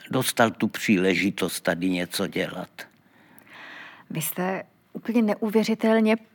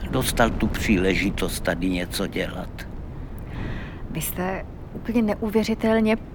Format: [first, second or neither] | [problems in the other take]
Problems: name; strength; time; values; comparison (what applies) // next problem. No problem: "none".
first | wind noise on the microphone; occasional gusts; 15 dB below the speech